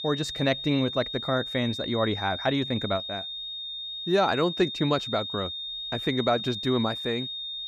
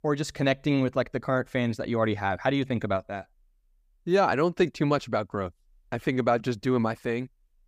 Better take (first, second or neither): second